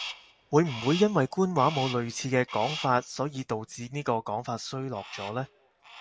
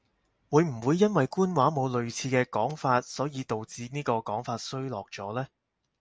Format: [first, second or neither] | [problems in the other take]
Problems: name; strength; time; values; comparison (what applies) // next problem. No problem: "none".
second | background sound (Crow); 14 dB below the speech